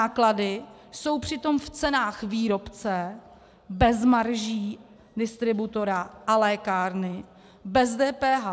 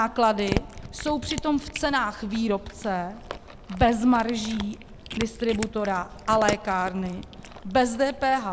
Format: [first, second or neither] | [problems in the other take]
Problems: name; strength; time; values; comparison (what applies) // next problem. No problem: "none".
first | background sound (Cat); 11 dB below the speech